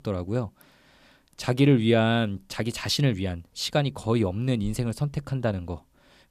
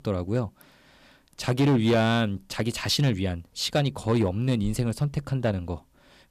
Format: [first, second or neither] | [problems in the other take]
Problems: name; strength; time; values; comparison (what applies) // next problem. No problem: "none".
first | distortion; slight; 4% of the sound clipped